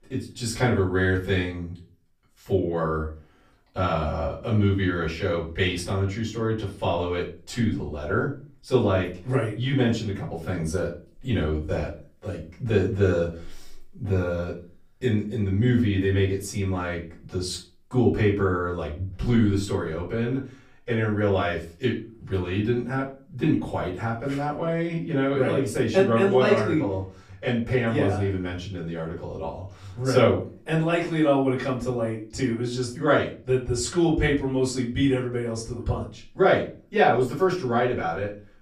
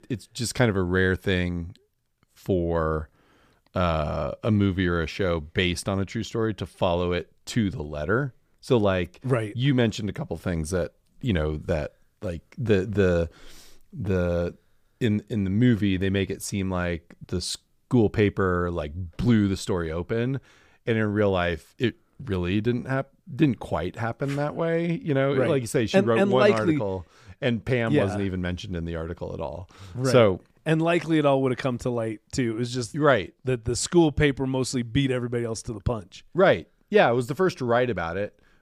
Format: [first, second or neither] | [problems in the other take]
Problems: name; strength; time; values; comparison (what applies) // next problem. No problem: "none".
second | off-mic speech; far // room echo; slight; dies away in 0.3 s